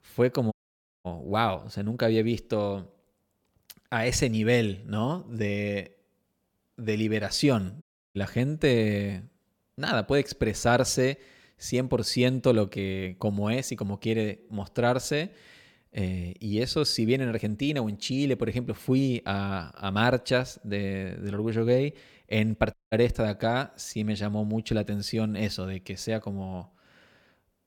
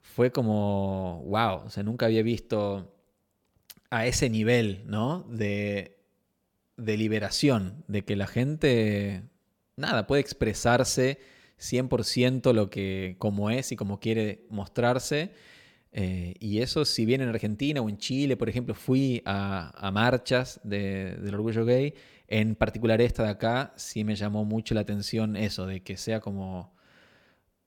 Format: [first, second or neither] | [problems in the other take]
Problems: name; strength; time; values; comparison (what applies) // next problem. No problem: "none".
second | audio cutting out; at 0.5 s for 0.5 s, at 8 s and at 23 s